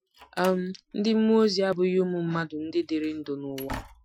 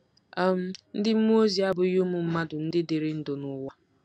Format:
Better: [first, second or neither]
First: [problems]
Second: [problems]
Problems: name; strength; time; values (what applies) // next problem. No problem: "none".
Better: second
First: noise reduction (classical method Wiener filter)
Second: none